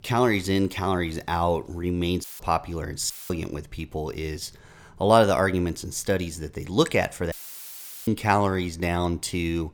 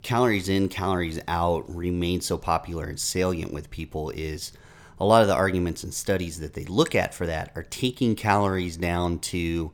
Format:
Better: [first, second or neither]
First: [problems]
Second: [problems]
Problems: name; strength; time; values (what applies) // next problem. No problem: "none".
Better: second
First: audio cutting out; filled with static; at 2 s, at 3 s and at 7.5 s for 1 s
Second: none